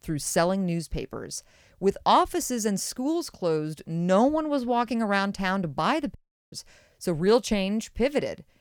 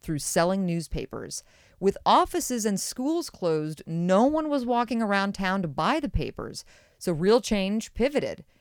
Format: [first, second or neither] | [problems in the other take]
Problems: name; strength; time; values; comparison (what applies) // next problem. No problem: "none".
second | audio cutting out; at 6 s